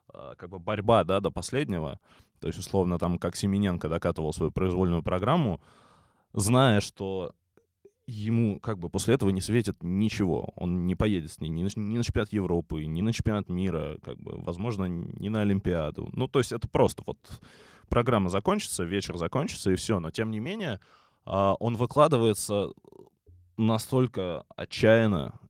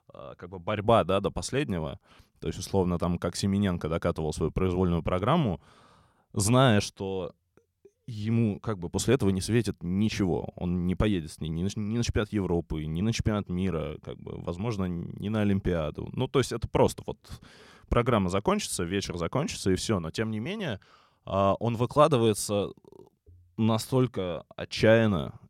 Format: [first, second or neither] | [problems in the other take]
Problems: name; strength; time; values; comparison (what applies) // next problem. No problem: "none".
second | garbled, watery; slightly; nothing above 15.5 kHz